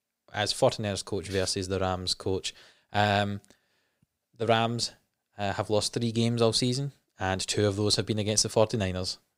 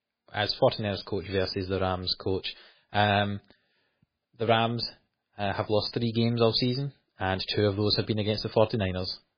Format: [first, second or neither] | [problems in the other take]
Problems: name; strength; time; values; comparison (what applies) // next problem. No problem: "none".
first | garbled, watery; badly; nothing above 4.5 kHz